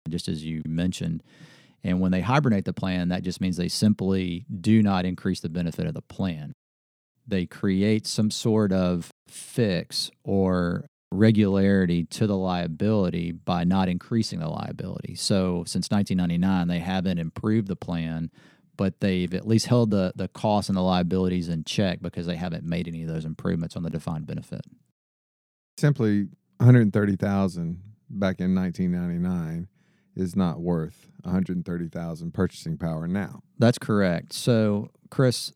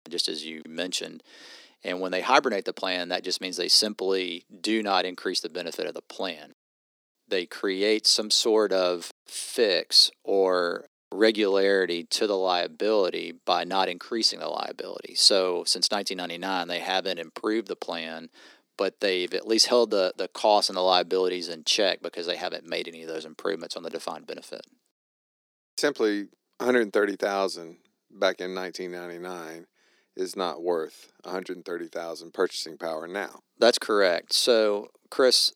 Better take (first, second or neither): first